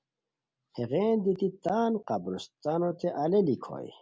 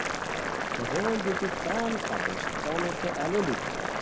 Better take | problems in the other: first | background sound (Boiling); 1 dB above the speech

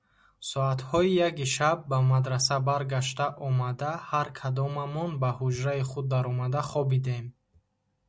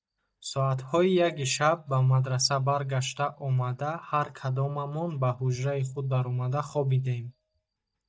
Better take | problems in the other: first | noise reduction (neural mask model DeepFilterNet 3)

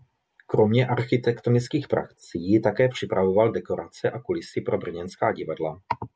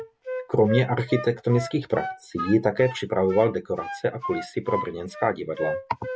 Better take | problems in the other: first | background sound (Wind instrument, woodwind instrument); 10 dB below the speech

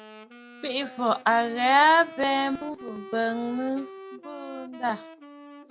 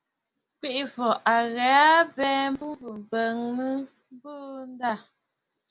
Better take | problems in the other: second | background sound (Wind instrument, woodwind instrument); 18 dB below the speech

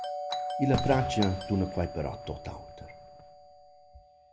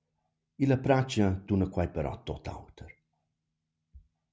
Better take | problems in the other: second | background sound (Fireworks + Doorbell); 4 dB below the speech

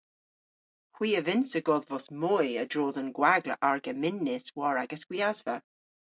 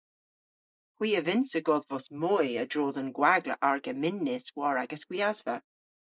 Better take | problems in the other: first | noise reduction (neural mask model Resemble Enhance denoiser)

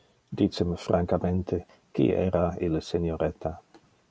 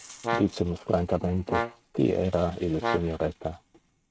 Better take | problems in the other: first | noise reduction (neural mask model RNNoise)

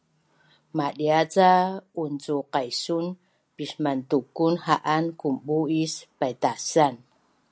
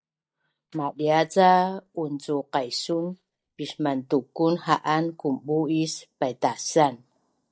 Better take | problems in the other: first | noise reduction (neural mask model DeepFilterNet 3)

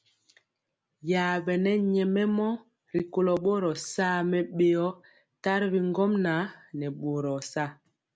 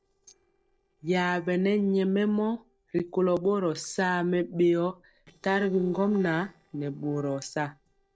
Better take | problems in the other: first | noise reduction (neural separator model SepFormer DNS4)

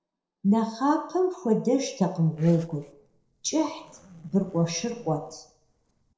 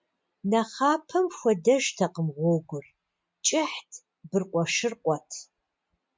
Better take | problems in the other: second | noise reduction (neural separator model SepFormer DNS4)

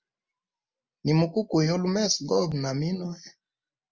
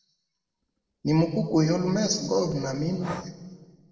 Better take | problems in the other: first | noise reduction (neural separator model SepFormer DNS4)

